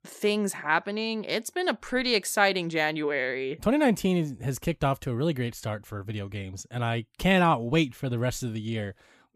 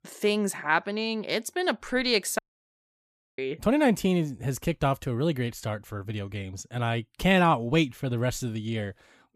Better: first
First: none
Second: audio cutting out; at 2.5 s for 1 s

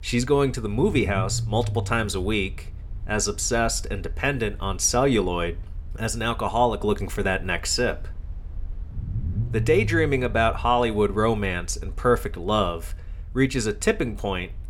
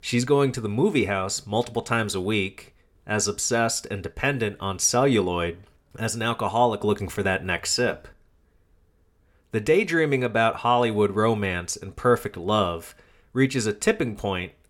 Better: second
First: low rumble; faint; throughout; 25 dB below the speech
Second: none

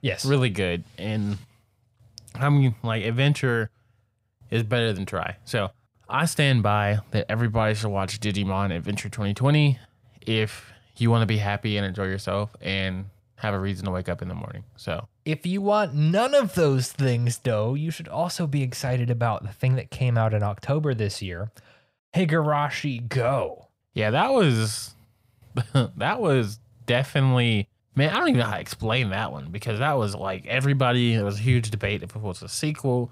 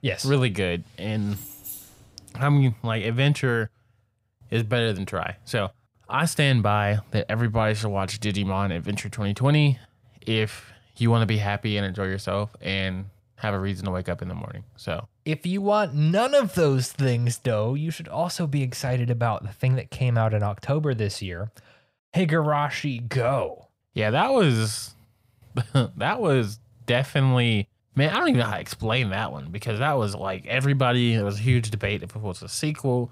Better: first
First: none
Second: jangling keys; faint; at 1.5 s; peak 10 dB below the speech

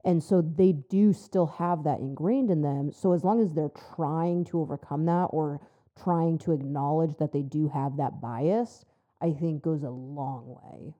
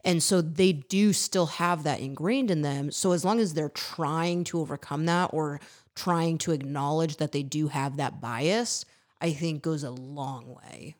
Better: second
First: muffled; very; fading above 1.5 kHz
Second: none

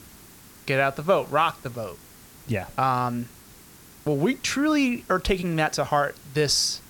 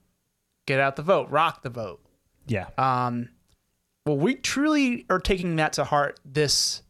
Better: second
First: hiss; faint; throughout; 25 dB below the speech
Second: none

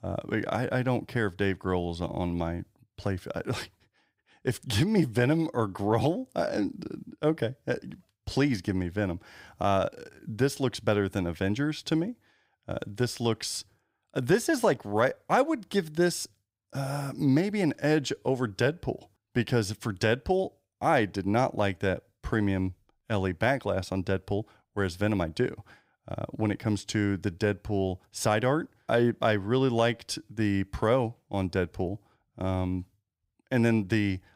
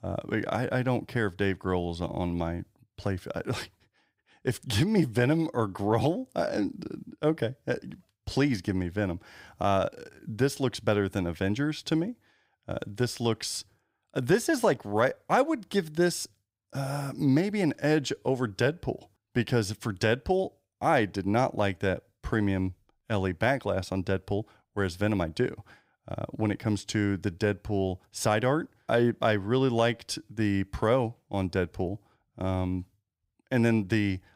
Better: neither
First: none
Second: none

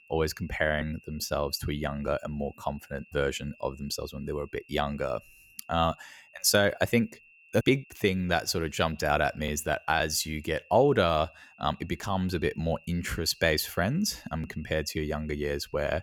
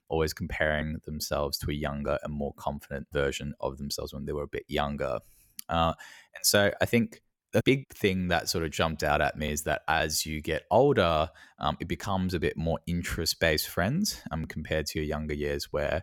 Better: second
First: high-pitched whine; faint; throughout; 2.5 kHz, 25 dB below the speech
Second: none

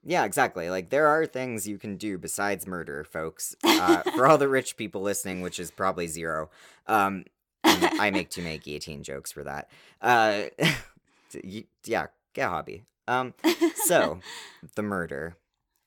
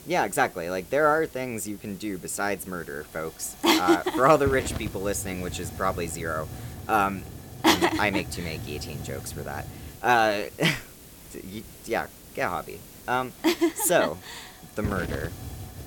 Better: first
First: none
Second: hiss; noticeable; throughout; 15 dB below the speech

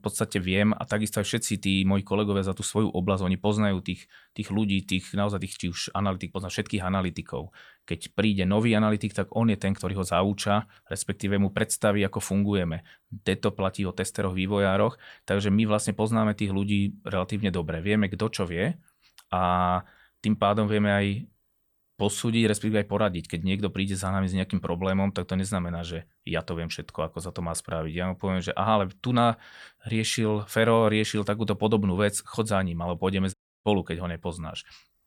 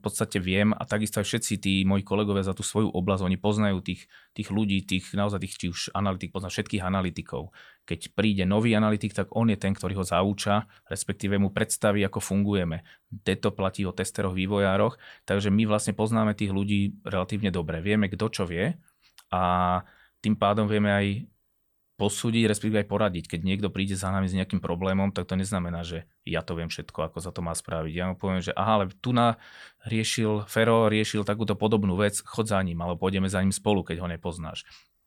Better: second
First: audio cutting out; at 33 s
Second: none

